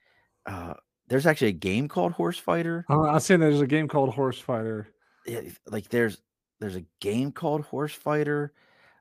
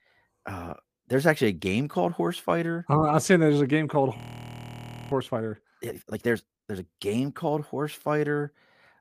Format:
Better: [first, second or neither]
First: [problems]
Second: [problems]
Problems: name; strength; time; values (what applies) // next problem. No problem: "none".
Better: first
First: none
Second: audio freezing; at 4 s for 1 s